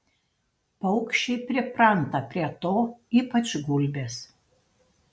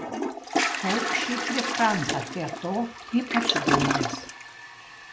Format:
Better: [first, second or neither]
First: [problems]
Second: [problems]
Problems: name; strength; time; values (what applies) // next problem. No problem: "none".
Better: first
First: none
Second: background sound (Toilet flush); 1 dB above the speech